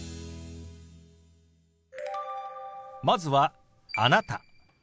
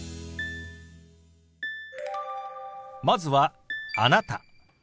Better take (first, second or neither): first